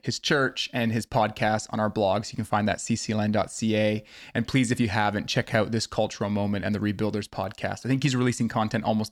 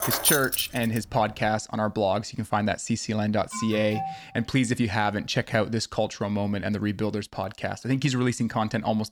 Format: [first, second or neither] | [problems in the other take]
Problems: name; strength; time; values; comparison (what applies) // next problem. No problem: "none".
first | jangling keys; loud; at the start; peak 5 dB above the speech // alarm; noticeable; at 3.5 s; peak 7 dB below the speech